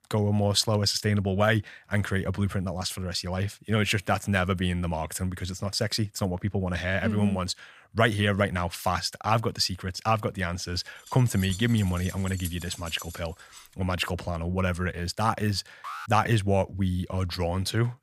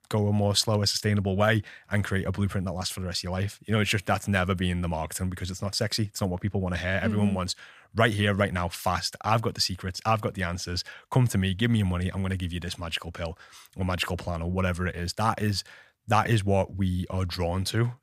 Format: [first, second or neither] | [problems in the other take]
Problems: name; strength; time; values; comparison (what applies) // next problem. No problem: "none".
second | jangling keys; faint; from 11 to 14 s; peak 10 dB below the speech // alarm; faint; at 16 s; peak 10 dB below the speech